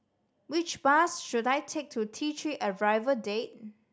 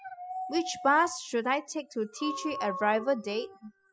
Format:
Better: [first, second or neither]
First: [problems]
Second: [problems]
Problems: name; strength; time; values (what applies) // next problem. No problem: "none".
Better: first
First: none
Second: noise reduction (classical method spectral subtraction)